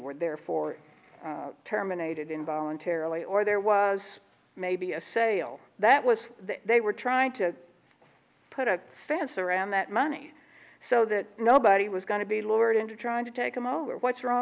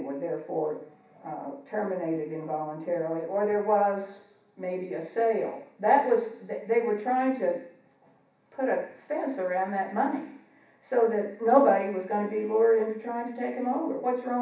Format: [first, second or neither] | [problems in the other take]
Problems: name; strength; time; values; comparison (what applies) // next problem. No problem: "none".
first | room echo; dies away in 0.7 s